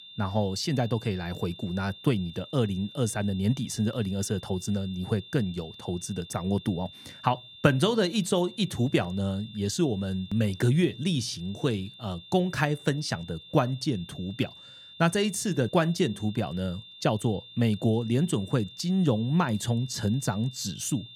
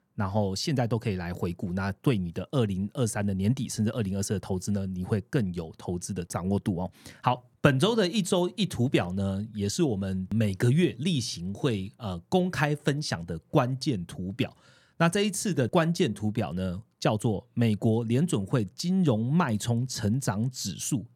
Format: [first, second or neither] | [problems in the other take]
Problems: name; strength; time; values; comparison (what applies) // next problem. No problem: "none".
second | high-pitched whine; noticeable; throughout; 3.5 kHz, 15 dB below the speech